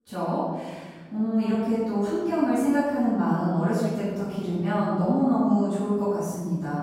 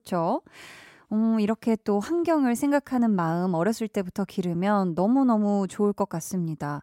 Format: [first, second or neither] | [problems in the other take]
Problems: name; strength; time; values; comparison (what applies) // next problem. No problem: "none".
second | room echo; strong; dies away in 1.5 s // off-mic speech; far